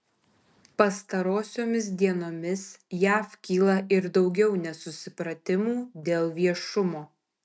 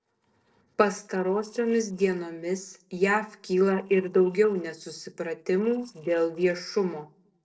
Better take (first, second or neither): first